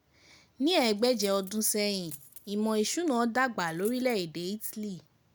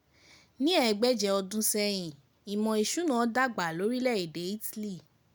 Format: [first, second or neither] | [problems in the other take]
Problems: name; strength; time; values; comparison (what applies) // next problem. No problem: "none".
second | background sound (Coin (dropping)); 19 dB below the speech